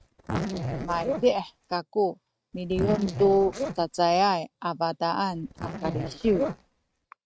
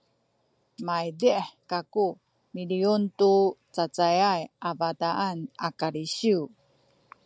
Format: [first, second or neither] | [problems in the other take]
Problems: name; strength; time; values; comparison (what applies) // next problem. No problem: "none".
second | noise reduction (neural mask model RNNoise)